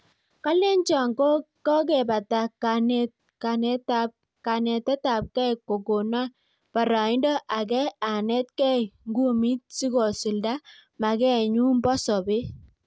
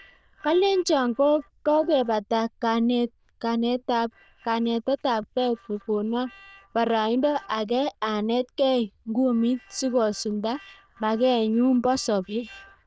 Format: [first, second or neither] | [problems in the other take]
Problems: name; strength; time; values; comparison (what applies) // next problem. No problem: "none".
first | noise reduction (neural diffusion model UNIVERSE++)